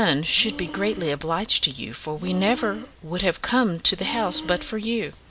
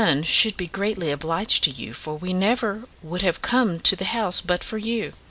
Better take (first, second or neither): second